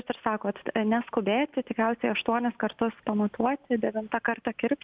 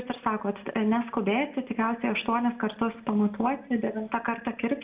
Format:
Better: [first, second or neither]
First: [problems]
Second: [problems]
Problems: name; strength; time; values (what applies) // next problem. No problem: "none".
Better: first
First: none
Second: room echo; dies away in 0.5 s